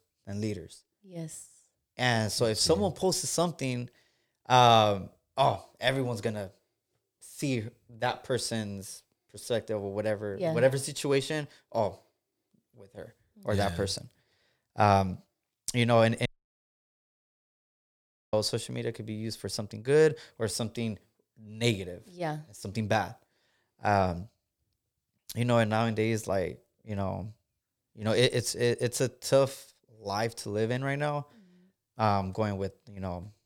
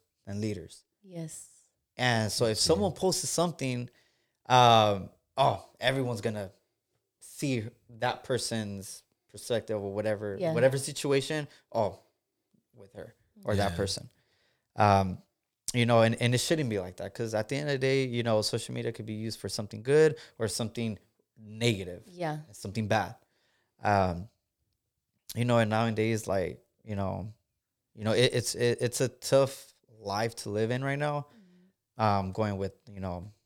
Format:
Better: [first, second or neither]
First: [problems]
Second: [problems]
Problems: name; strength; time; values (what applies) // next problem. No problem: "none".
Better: second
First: audio cutting out; at 16 s for 2 s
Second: none